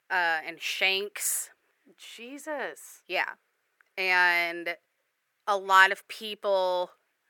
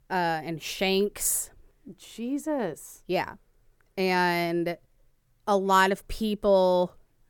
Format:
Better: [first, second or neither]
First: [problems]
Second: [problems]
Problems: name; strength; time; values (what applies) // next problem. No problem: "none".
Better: second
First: thin; very; fading below 500 Hz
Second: none